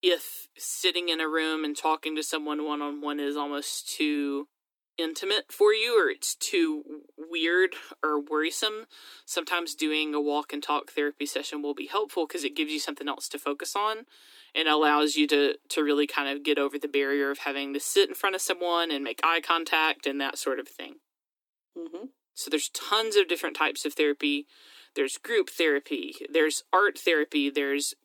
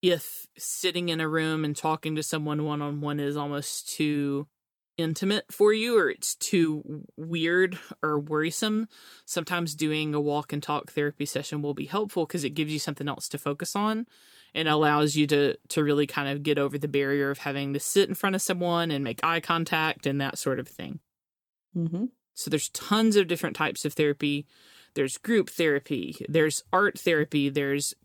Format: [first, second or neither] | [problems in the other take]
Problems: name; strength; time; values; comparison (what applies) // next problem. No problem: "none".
second | thin; very slightly; fading below 300 Hz